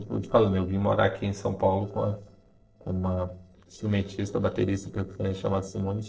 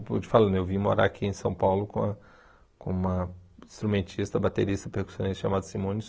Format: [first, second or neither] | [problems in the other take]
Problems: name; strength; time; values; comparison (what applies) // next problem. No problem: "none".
second | noise reduction (neural separator model SepFormer DNS4)